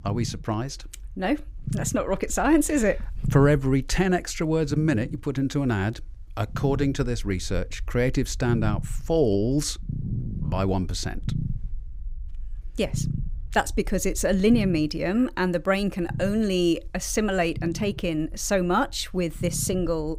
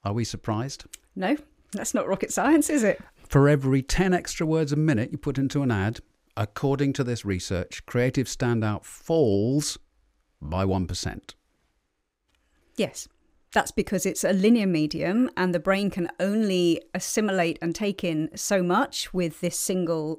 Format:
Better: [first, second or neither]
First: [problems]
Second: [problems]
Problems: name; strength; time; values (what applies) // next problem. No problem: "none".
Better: second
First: low rumble; noticeable; throughout; 20 dB below the speech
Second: none